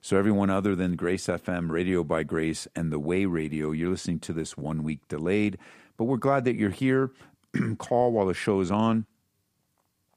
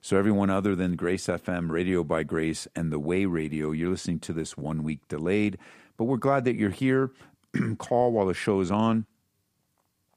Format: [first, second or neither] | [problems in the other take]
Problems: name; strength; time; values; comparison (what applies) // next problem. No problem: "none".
neither | none